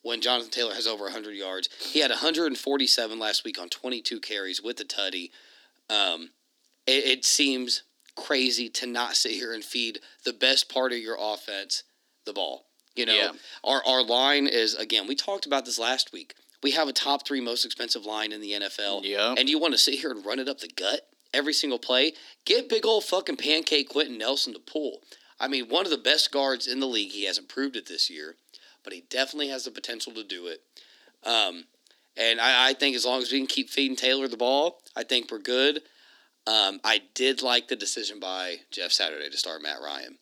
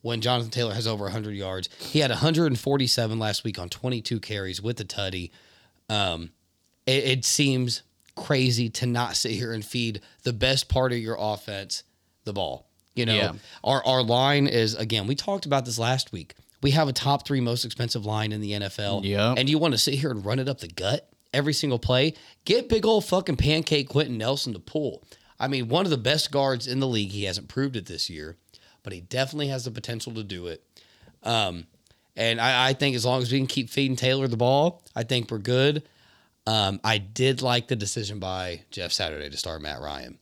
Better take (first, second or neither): second